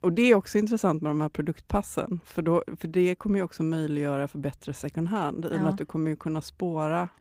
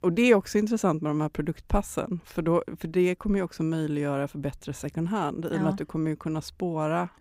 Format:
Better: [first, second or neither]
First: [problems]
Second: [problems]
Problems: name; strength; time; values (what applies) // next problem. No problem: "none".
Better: second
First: garbled, watery; slightly; nothing above 15.5 kHz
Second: none